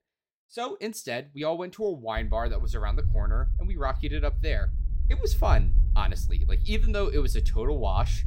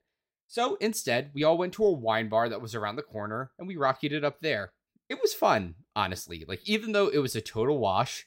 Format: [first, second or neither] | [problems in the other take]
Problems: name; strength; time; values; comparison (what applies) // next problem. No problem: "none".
second | low rumble; noticeable; from 2 s on; 15 dB below the speech